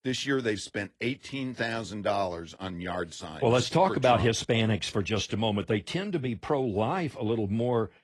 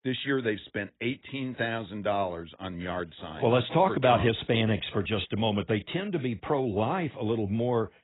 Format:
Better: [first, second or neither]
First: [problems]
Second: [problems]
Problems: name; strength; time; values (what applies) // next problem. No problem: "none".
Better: first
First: garbled, watery; slightly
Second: garbled, watery; badly; nothing above 4 kHz